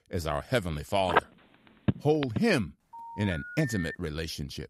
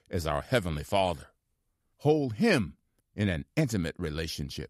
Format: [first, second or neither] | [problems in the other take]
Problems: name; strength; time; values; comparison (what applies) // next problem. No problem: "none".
second | phone ringing; loud; from 1 to 2.5 s; peak 2 dB above the speech // phone ringing; noticeable; from 3 to 4 s; peak 8 dB below the speech